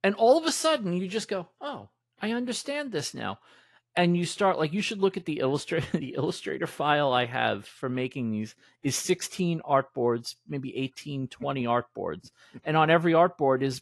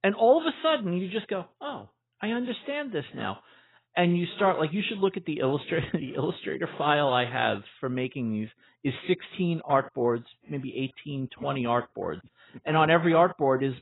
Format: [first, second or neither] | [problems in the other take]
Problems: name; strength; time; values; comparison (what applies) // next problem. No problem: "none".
first | garbled, watery; badly; nothing above 4 kHz; slightly in the first